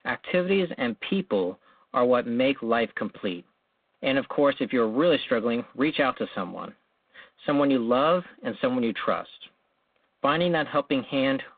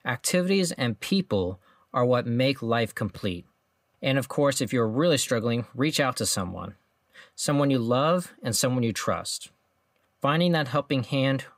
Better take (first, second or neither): second